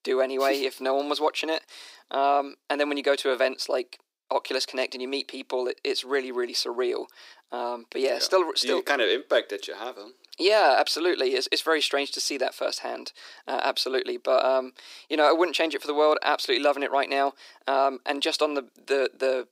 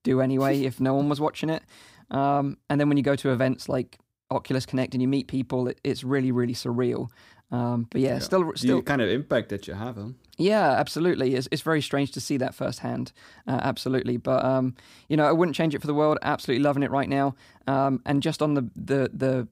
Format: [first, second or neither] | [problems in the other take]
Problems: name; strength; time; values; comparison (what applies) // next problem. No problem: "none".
second | thin; very; fading below 350 Hz